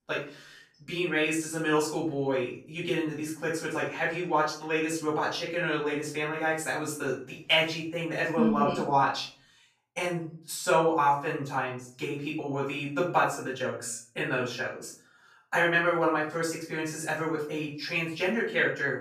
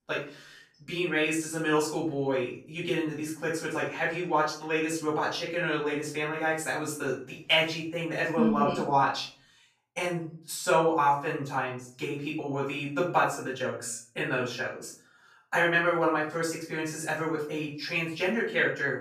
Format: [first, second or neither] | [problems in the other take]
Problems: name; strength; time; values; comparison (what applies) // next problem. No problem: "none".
neither | room echo; noticeable; dies away in 0.4 s; the same in both // off-mic speech; far; the same in both